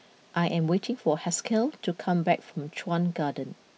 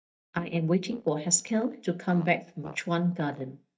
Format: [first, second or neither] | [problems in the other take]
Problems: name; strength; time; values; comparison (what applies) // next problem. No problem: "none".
first | noise reduction (neural mask model DeepFilterNet 3)